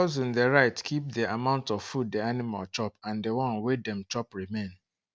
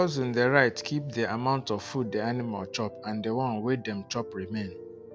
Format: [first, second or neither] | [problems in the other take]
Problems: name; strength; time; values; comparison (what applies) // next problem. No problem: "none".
first | background sound (Piano); 15 dB below the speech